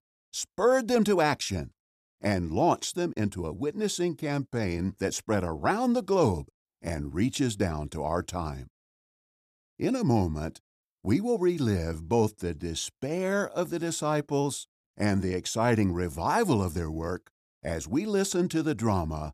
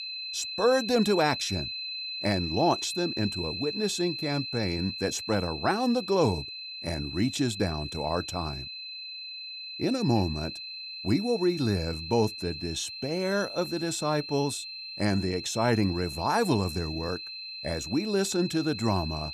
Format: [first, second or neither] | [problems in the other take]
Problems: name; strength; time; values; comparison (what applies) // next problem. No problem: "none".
first | high-pitched whine; loud; throughout; 4 kHz, 7 dB below the speech